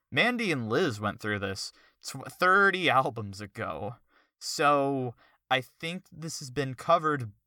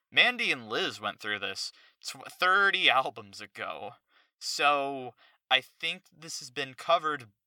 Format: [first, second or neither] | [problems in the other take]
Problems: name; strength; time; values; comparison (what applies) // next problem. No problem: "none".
first | thin; somewhat; fading below 1 kHz